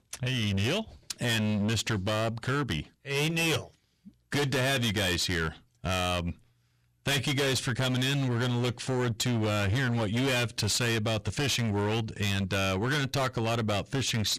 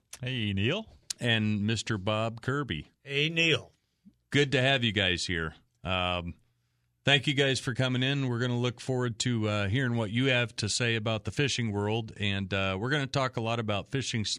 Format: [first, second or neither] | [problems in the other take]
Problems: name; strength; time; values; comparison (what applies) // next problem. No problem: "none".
second | distortion; heavy; 24% of the sound clipped